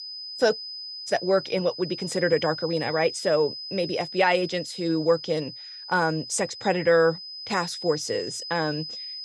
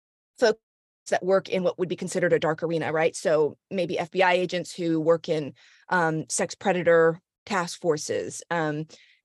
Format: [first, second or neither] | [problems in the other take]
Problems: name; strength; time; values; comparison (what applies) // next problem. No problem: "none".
second | high-pitched whine; loud; throughout; 5 kHz, 9 dB below the speech